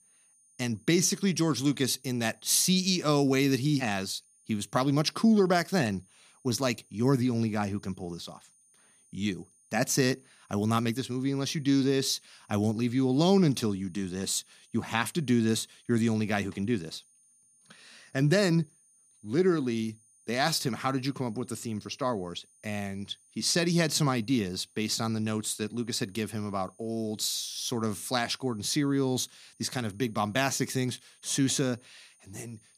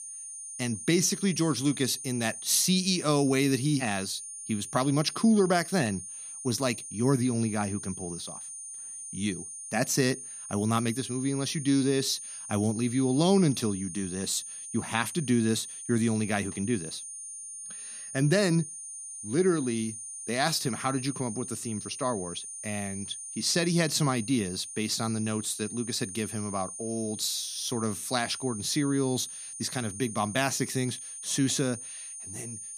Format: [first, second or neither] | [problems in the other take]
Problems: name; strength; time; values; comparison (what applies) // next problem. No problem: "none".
first | high-pitched whine; loud; throughout; 9 kHz, 9 dB below the speech; faint in the first